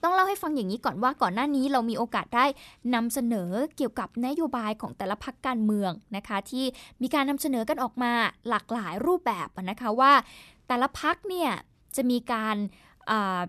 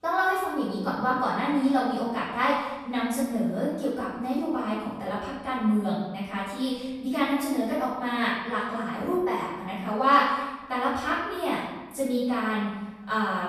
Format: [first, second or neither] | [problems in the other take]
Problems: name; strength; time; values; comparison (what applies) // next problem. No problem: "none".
first | off-mic speech; far // room echo; strong; dies away in 1 s